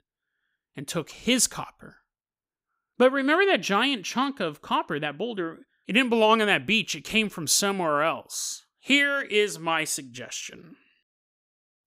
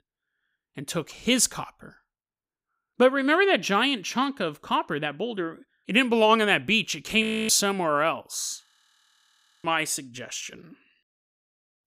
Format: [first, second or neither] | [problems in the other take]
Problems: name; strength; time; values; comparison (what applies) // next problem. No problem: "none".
first | audio freezing; at 7 s and at 8.5 s for 1 s